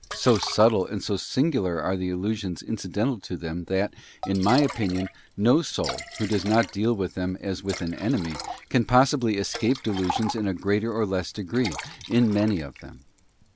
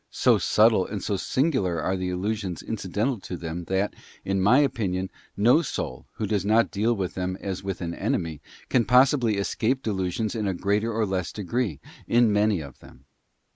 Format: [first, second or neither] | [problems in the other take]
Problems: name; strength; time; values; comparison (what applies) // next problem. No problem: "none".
second | background sound (Liquid); 14 dB below the speech